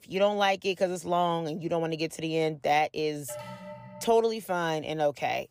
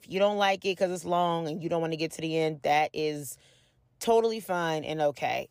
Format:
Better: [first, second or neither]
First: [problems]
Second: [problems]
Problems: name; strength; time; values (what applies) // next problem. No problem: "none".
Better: second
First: alarm; faint; at 3.5 s; peak 15 dB below the speech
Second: none